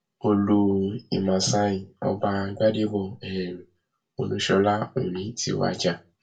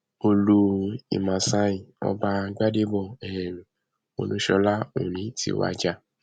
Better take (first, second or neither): second